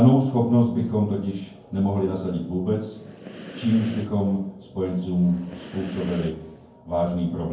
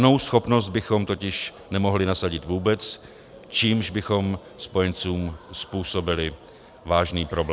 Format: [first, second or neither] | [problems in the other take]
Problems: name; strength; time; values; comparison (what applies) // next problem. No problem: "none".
second | background sound (Breathing); 17 dB below the speech // room echo; dies away in 0.9 s